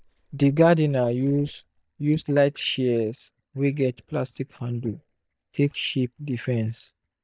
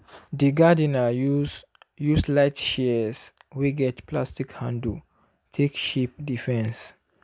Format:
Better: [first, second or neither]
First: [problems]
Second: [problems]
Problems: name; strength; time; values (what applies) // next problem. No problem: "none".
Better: second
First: noise reduction (neural mask model DeepFilterNet 3)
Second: none